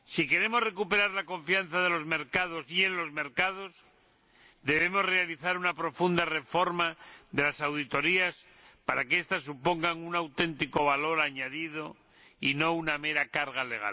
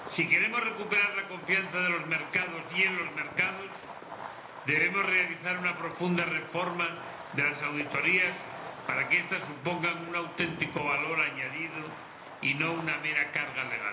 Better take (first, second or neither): first